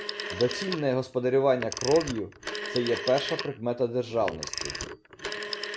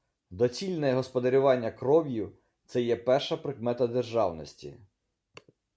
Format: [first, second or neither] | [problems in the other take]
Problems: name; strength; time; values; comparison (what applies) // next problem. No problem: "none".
second | background sound (Telephone); 8 dB below the speech